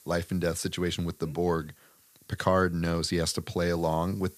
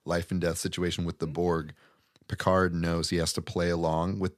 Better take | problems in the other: second | hiss; faint; throughout; 25 dB below the speech

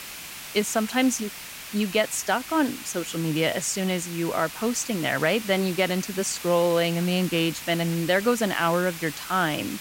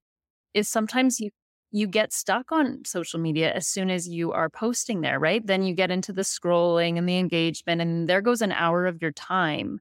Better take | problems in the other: second | hiss; noticeable; throughout; 10 dB below the speech

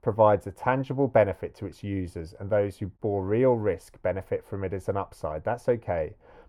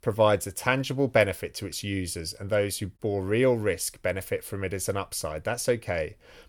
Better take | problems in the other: second | muffled; very; fading above 2.5 kHz

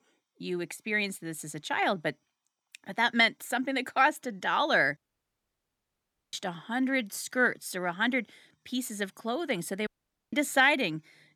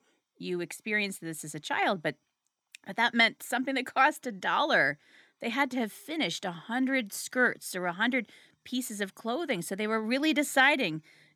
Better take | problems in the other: second | audio cutting out; at 5 s for 1.5 s and at 10 s

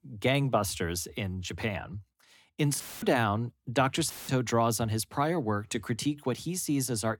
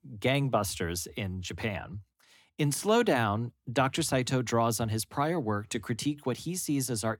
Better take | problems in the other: second | audio cutting out; filled with static; at 3 s and at 4 s

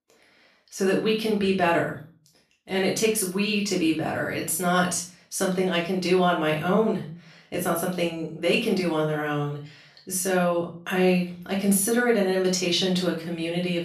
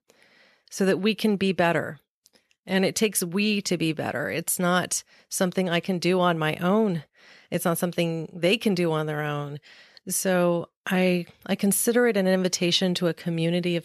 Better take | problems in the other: second | off-mic speech; far // room echo; slight; dies away in 0.3 s

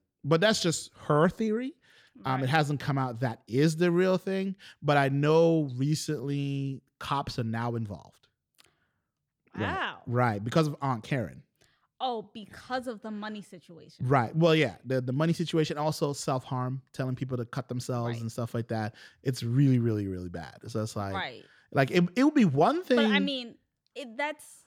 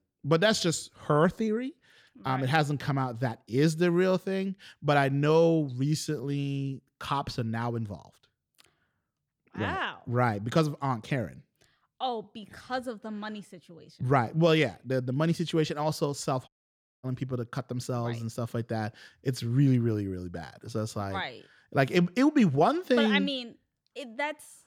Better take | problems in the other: first | audio cutting out; at 16 s for 0.5 s

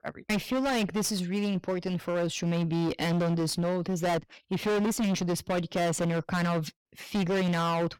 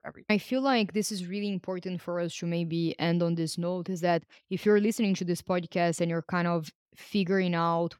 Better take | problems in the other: second | distortion; heavy; 28% of the sound clipped

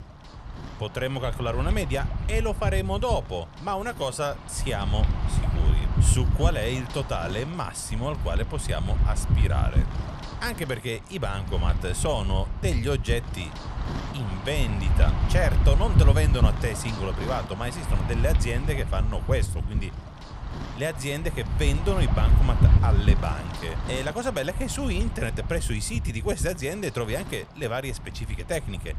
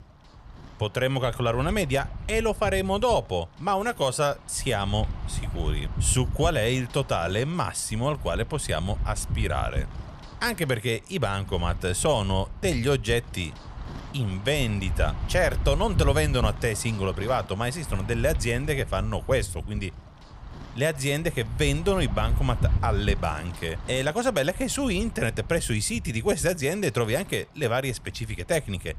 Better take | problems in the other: second | wind noise on the microphone; heavy; 8 dB below the speech; occasional gusts in the second

